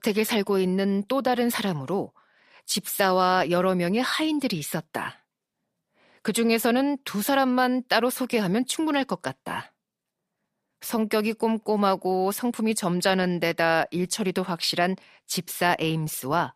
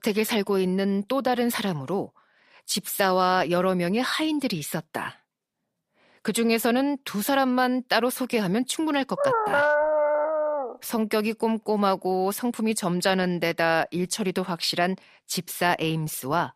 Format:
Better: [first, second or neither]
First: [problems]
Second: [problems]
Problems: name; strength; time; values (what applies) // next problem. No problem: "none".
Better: first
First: none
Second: dog barking; loud; from 9 to 11 s; peak 4 dB above the speech